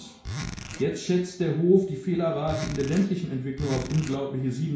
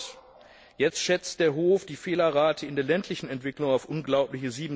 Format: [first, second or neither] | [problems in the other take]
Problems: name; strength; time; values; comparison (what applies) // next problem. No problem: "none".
second | background sound (Zipper (clothing)); 11 dB below the speech // room echo; dies away in 0.6 s